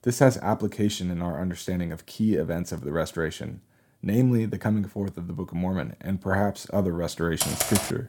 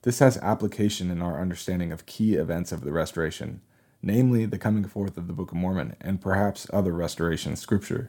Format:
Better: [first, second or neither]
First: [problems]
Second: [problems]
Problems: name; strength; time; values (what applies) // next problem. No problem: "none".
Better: second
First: keyboard typing; loud; at 7.5 s; peak 1 dB above the speech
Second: none